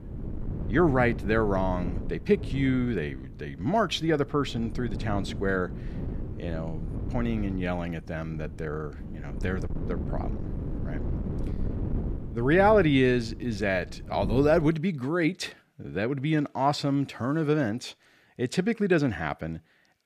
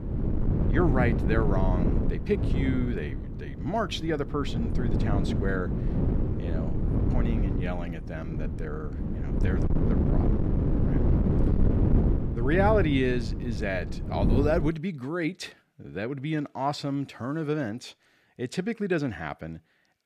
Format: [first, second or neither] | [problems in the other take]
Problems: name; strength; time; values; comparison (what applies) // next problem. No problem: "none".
first | wind noise on the microphone; heavy; until 15 s; 5 dB below the speech; occasional gusts in the first